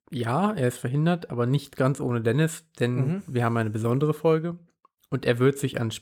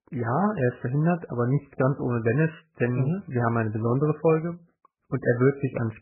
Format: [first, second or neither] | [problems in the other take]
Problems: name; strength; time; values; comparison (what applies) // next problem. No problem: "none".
first | garbled, watery; badly; nothing above 2.5 kHz